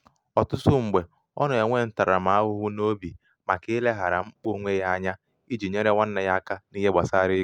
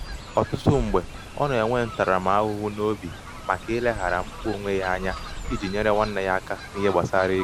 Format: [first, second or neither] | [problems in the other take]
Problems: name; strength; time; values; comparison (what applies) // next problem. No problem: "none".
first | background sound (Fowl); 11 dB below the speech